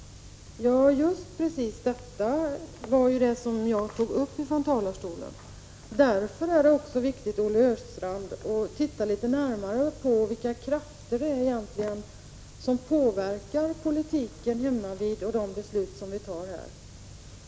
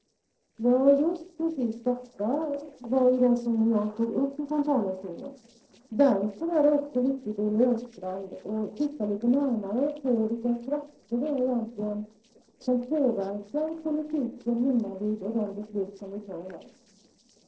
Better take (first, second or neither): first